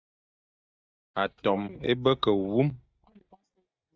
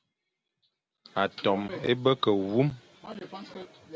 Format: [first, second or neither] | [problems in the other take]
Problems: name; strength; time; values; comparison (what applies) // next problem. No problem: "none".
second | noise reduction (neural mask model DeepFilterNet 3)